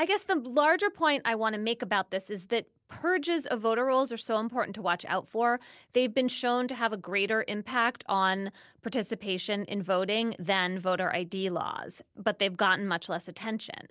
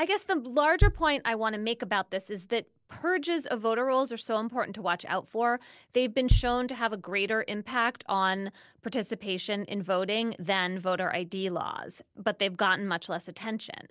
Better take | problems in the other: first | background sound (Bass drum); 2 dB below the speech

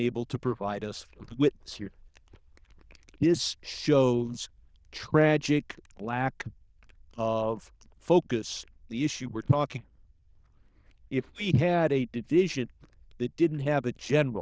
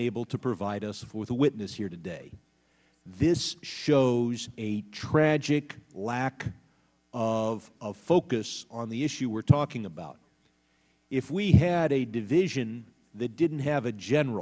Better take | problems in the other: second | noise reduction (neural diffusion model UNIVERSE++)

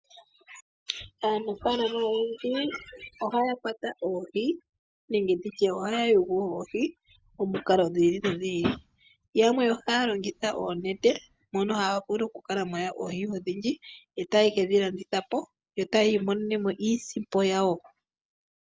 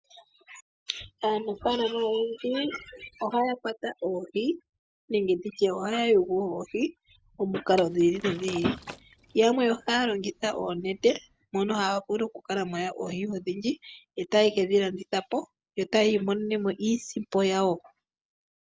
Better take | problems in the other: first | background sound (Liquid); 17 dB below the speech

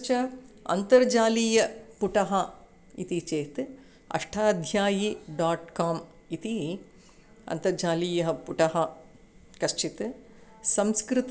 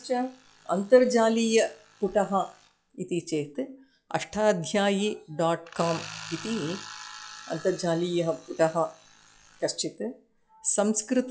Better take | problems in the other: first | noise reduction (classical method log-MMSE)

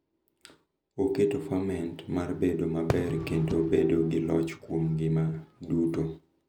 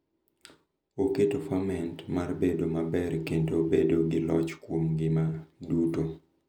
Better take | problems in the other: second | background sound (Fireworks); 11 dB below the speech

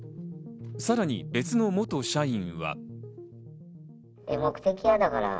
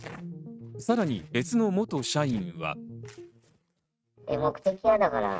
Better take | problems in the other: first | noise reduction (neural mask model RNNoise)

